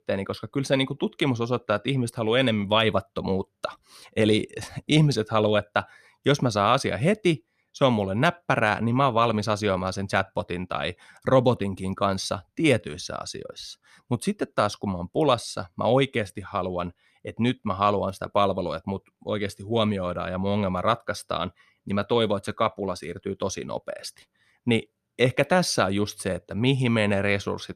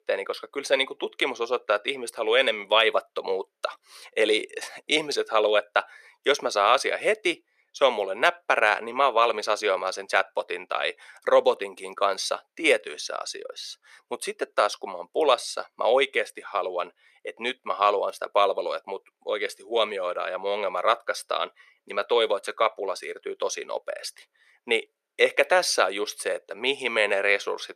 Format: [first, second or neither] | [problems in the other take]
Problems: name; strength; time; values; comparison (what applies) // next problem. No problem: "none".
first | thin; very; fading below 450 Hz